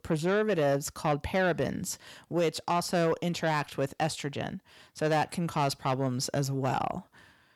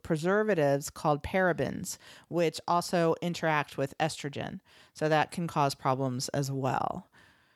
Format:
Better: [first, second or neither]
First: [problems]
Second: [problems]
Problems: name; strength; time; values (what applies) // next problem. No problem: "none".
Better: second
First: distortion; slight; 10 dB below the speech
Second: none